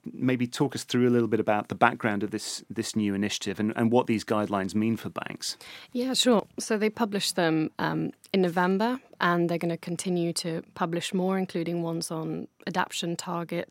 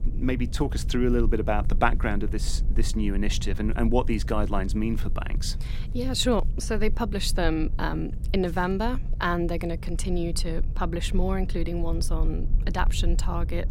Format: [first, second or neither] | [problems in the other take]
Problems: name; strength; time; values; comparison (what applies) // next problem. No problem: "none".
first | low rumble; noticeable; throughout; 20 dB below the speech